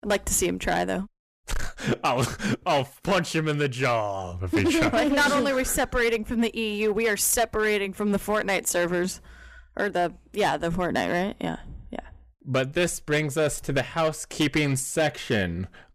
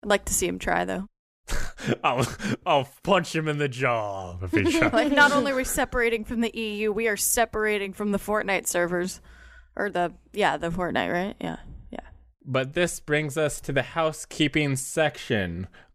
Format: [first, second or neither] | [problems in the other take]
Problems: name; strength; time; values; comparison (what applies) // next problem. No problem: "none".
second | distortion; slight; 7% of the sound clipped